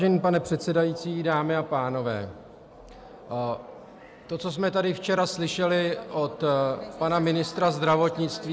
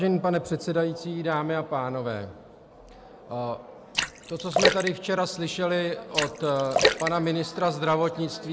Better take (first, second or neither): first